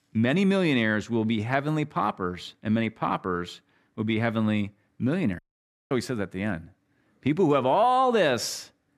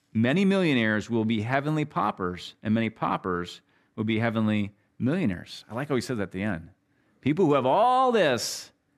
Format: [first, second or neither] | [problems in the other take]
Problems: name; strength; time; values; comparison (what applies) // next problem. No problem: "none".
second | audio cutting out; at 5.5 s for 0.5 s